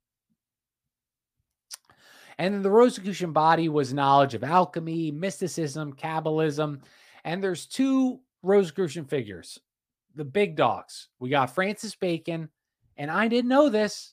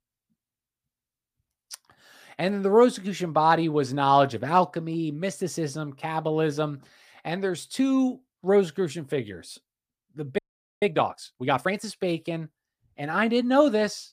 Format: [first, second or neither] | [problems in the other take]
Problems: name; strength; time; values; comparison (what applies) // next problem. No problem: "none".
first | audio freezing; at 10 s